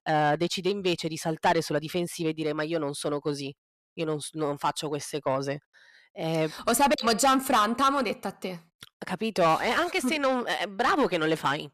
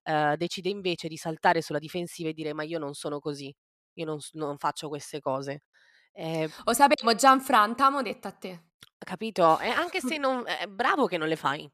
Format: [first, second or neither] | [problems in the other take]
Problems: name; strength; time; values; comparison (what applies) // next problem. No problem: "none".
second | distortion; heavy; 7 dB below the speech